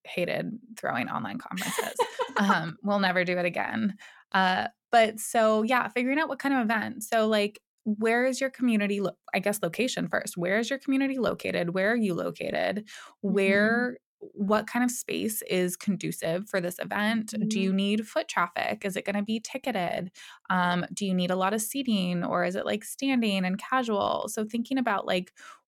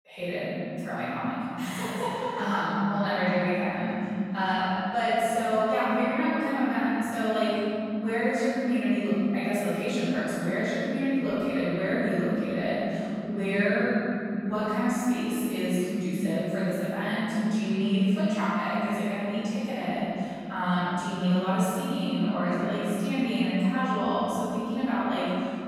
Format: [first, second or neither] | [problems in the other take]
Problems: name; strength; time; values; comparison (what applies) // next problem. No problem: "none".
first | off-mic speech; far // room echo; strong; dies away in 3 s